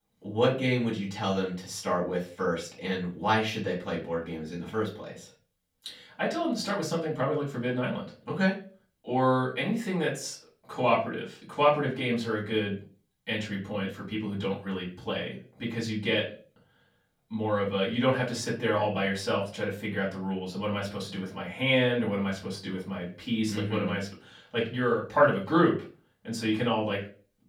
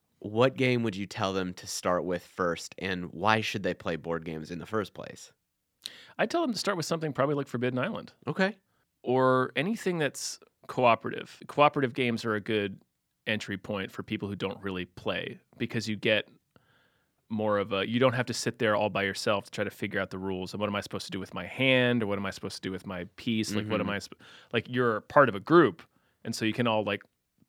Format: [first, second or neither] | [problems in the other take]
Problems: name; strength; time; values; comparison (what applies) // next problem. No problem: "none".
second | room echo; slight; dies away in 0.3 s // off-mic speech; far